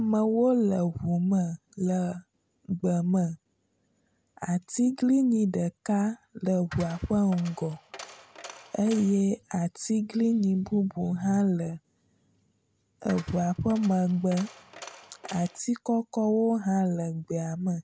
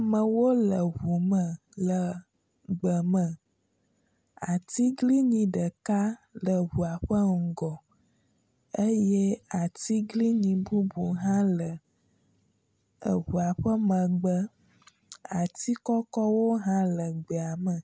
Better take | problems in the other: second | background sound (Coin (dropping)); 18 dB below the speech

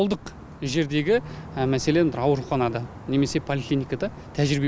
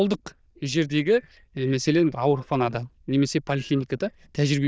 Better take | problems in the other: first | noise reduction (neural diffusion model UNIVERSE++)

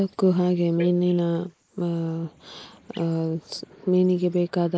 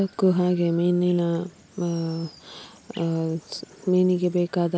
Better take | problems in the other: second | noise reduction (neural mask model Resemble Enhance denoiser)

